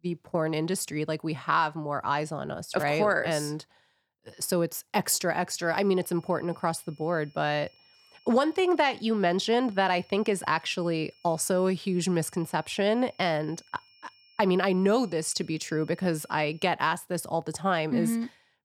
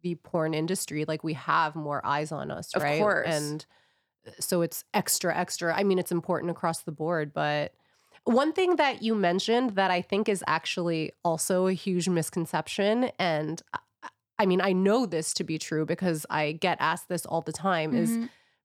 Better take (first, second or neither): second